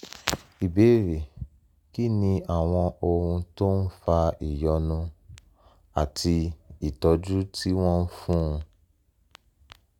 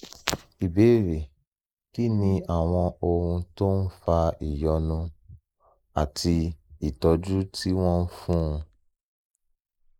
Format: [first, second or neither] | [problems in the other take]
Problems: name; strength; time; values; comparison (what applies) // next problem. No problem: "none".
first | noise reduction (neural mask model Resemble Enhance denoiser)